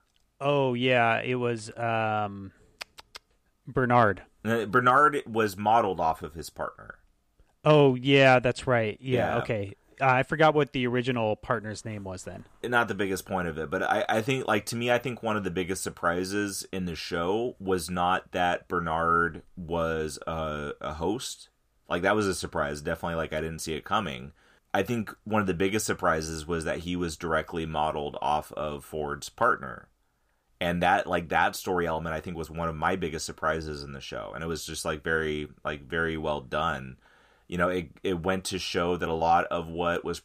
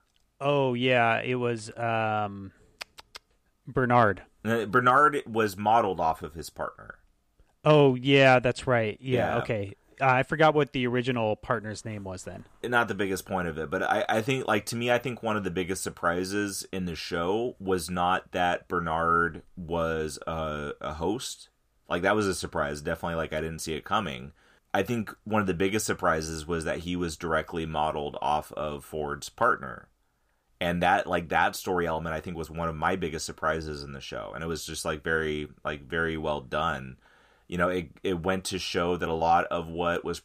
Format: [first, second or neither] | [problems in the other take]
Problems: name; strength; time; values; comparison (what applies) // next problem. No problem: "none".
neither | none